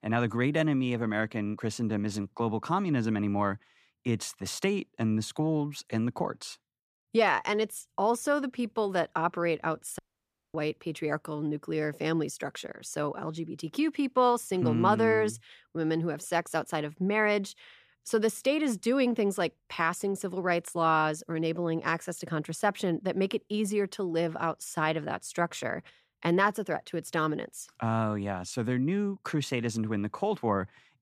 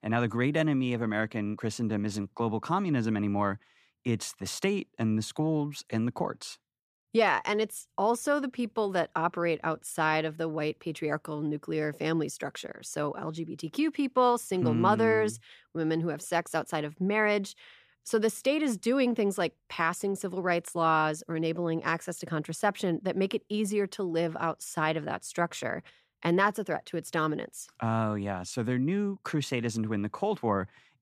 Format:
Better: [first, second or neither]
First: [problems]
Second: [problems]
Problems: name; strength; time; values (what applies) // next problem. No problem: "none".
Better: second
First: audio cutting out; at 10 s for 0.5 s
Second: none